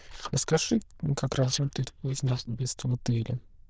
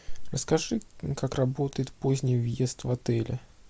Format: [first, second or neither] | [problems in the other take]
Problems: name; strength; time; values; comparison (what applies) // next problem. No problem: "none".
second | noise reduction (neural diffusion model UNIVERSE++)